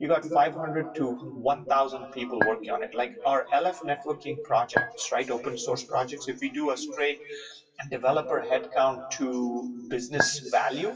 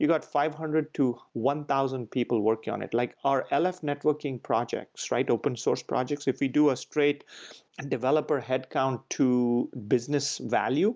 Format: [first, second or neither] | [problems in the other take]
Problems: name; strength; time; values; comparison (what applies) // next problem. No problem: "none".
second | noise reduction (classical method WPE with log-MMSE)